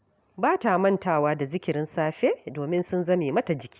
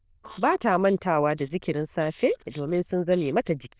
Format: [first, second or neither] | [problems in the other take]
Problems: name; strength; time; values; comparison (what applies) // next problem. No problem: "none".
first | noise reduction (neural diffusion model UNIVERSE++)